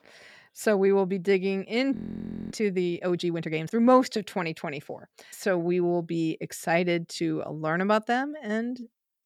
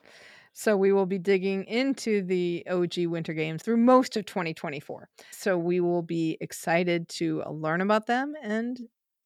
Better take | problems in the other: second | audio freezing; at 2 s for 0.5 s

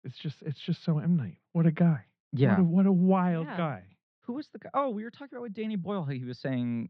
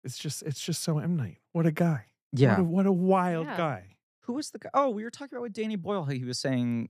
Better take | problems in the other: second | muffled; slightly; fading above 4 kHz

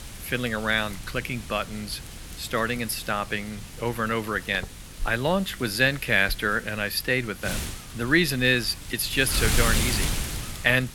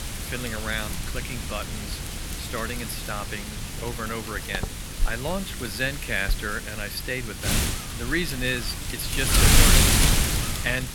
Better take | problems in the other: first | wind noise on the microphone; heavy; 2 dB above the speech; occasional gusts in the first

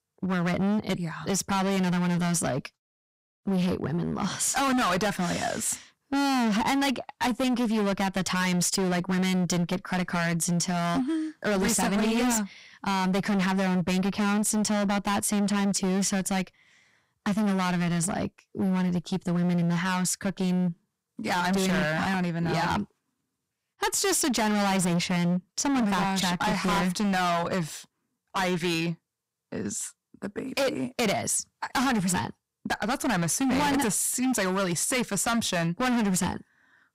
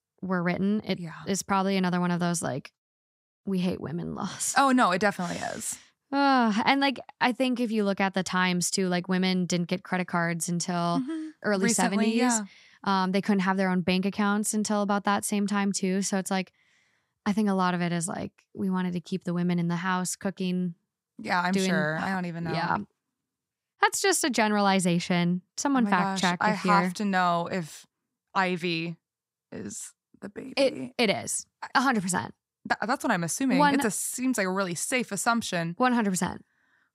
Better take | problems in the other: second | distortion; heavy; 25% of the sound clipped

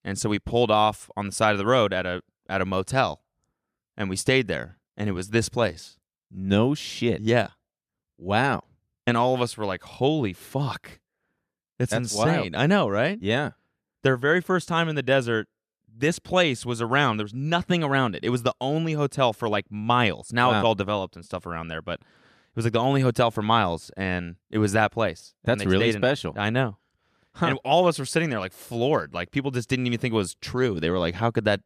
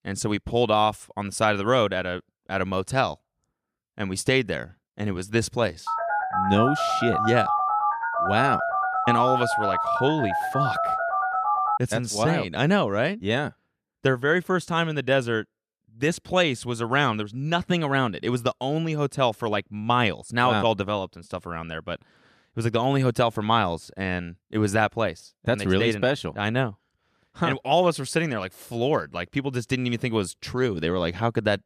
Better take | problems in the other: first | phone ringing; loud; from 6 to 12 s; peak 2 dB above the speech

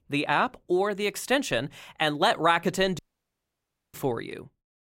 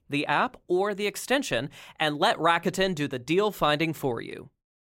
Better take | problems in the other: second | audio cutting out; at 3 s for 1 s

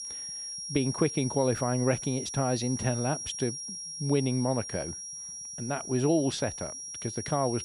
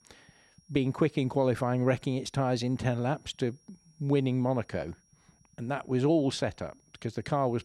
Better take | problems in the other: second | high-pitched whine; loud; throughout; 5.5 kHz, 6 dB below the speech; faint in the second

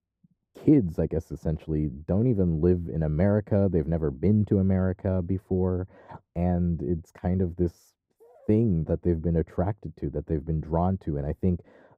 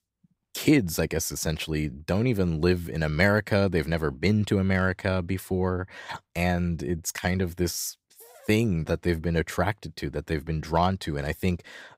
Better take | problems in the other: second | muffled; very; fading above 1.5 kHz

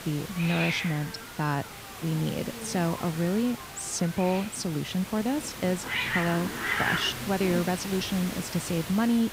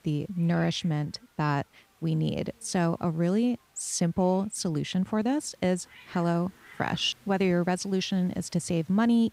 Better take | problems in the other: second | hiss; loud; throughout; 4 dB below the speech; faint in the second

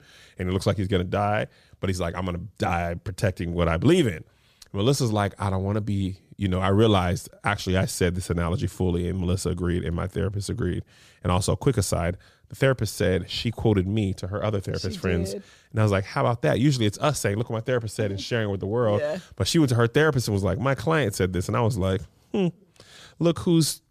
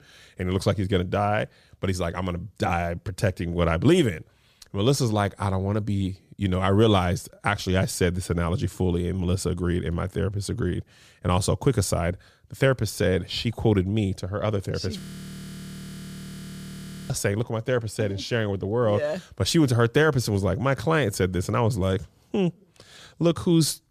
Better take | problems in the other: first | audio freezing; at 15 s for 2 s

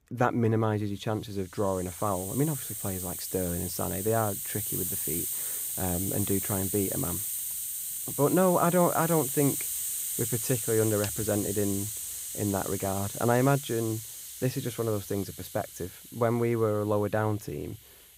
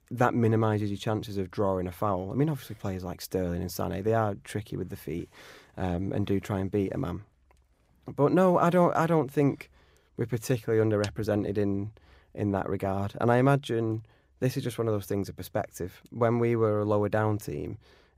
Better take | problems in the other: second | hiss; loud; throughout; 3 dB below the speech

